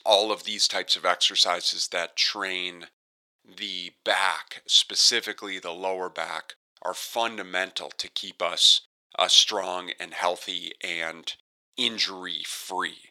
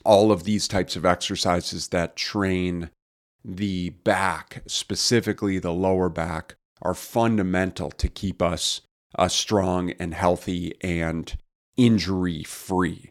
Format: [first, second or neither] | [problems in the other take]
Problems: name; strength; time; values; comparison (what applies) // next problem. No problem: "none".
second | thin; very; fading below 650 Hz